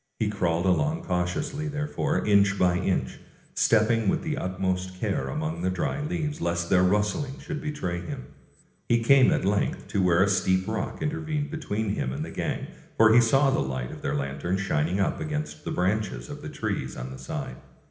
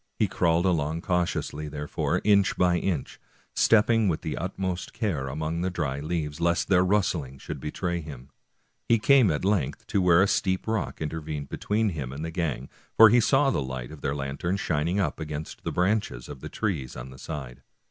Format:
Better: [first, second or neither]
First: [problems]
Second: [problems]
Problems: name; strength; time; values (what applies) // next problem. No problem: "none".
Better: second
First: room echo; dies away in 1 s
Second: none